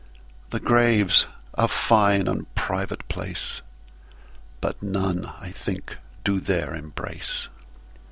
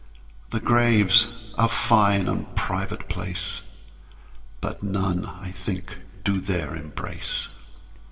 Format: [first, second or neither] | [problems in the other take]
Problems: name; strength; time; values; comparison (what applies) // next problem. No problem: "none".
first | room echo; dies away in 1.3 s